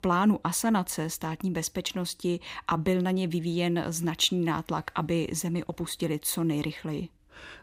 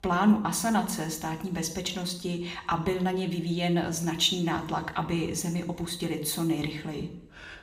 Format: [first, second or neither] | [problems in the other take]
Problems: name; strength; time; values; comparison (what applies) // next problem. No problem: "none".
first | room echo; slight; dies away in 0.7 s